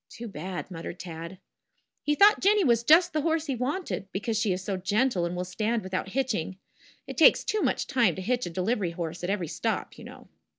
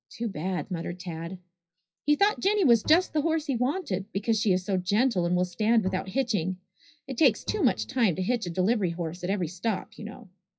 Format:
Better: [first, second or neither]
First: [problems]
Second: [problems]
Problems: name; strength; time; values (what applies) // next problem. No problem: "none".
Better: first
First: none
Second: noise reduction (classical method WPE with log-MMSE)